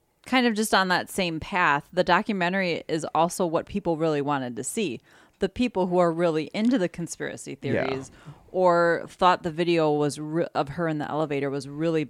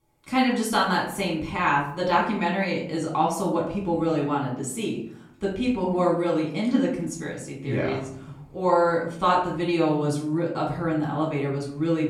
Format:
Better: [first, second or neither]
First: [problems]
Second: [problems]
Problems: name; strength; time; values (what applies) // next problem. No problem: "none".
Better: first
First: none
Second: off-mic speech; far // room echo; slight; dies away in 0.6 s